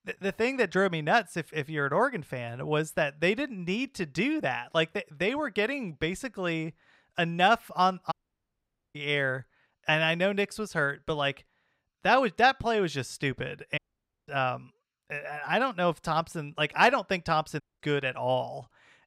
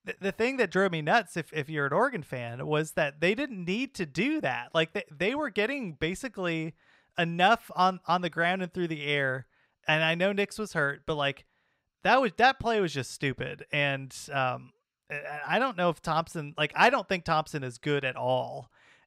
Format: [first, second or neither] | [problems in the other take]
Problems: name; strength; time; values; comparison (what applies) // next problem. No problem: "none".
second | audio cutting out; at 8 s for 1 s, at 14 s and at 18 s